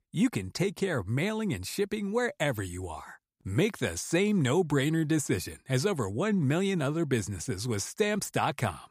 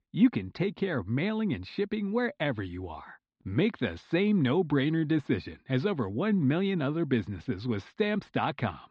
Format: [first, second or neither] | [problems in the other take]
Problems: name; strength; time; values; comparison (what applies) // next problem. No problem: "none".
first | muffled; slightly; fading above 4 kHz